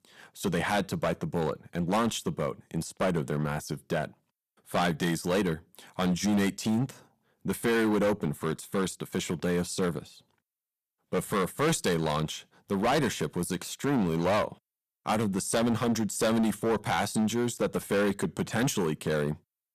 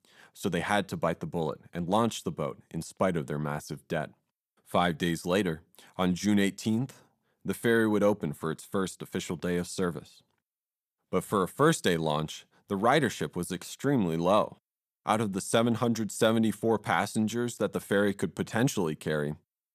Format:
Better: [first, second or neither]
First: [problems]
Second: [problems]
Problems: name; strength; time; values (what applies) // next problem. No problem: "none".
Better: second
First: distortion; heavy; 10% of the sound clipped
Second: none